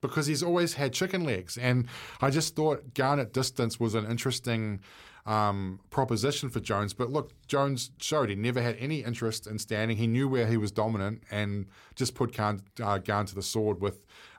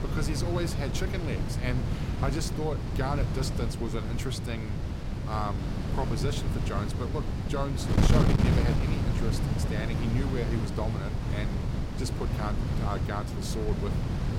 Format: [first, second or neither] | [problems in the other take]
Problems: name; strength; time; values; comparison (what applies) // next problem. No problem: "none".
first | wind noise on the microphone; heavy; 2 dB below the speech